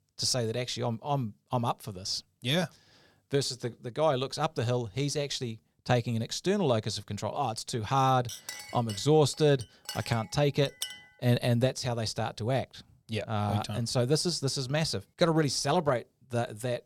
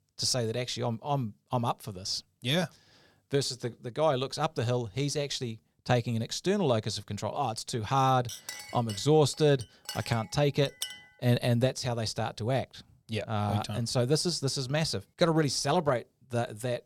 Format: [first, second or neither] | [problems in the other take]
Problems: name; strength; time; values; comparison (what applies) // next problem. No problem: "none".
neither | clattering dishes; noticeable; from 8.5 to 11 s; peak 8 dB below the speech; the same in both